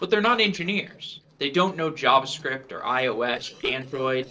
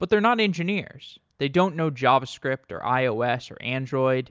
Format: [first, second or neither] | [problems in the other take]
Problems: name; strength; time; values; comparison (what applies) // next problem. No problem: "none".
second | noise reduction (neural separator model SepFormer DNS4)